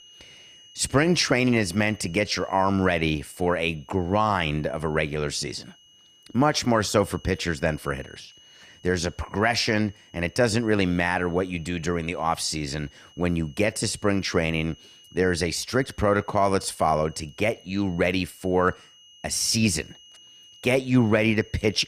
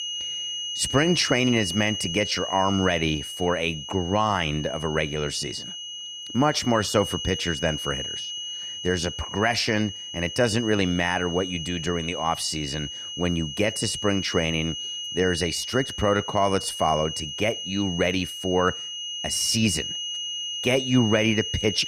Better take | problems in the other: first | high-pitched whine; loud; throughout; 3 kHz, 6 dB below the speech; faint in the first

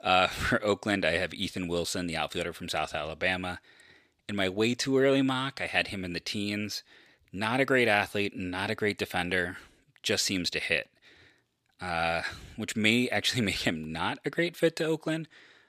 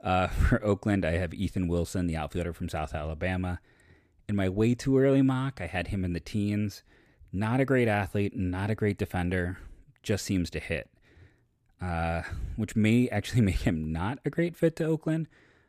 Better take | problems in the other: second | thin; somewhat; fading below 1 kHz

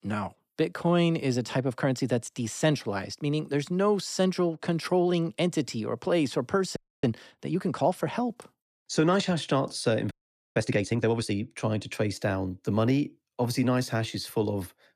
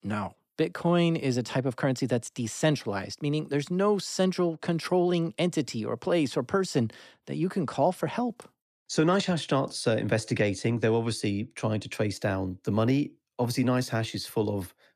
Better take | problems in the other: second | audio freezing; at 7 s and at 10 s

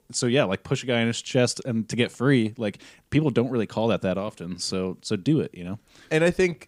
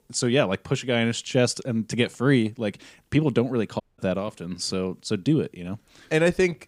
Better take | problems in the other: first | audio cutting out; at 4 s

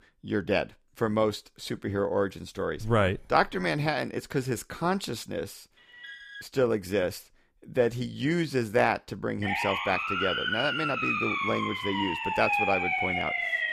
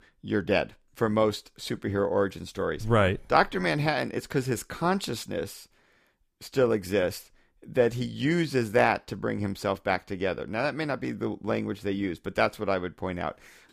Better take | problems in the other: second | alarm; faint; at 6 s; peak 10 dB below the speech // siren; loud; from 9.5 s on; peak 4 dB above the speech

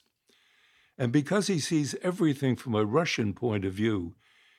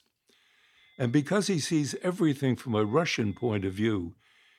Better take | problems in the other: first | high-pitched whine; faint; from 1 to 2 s and from 2.5 to 4 s; 2 kHz, 30 dB below the speech

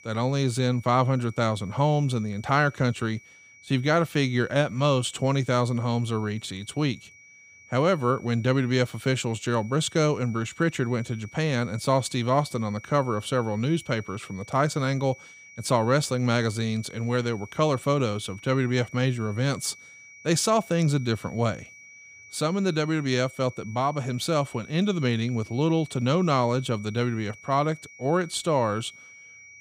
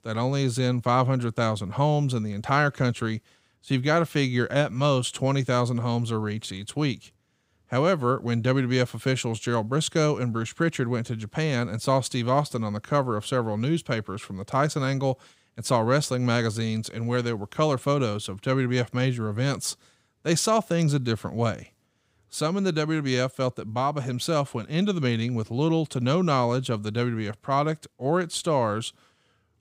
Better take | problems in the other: second | high-pitched whine; faint; throughout; 2.5 kHz, 20 dB below the speech

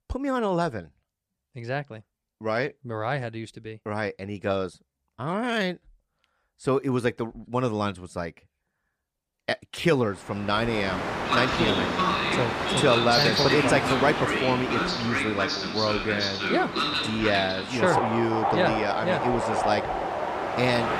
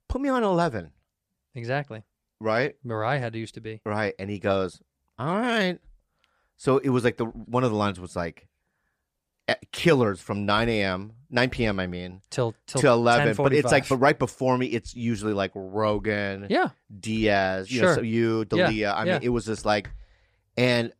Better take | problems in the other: second | train or aircraft noise; very loud; from 10 s on; 1 dB above the speech

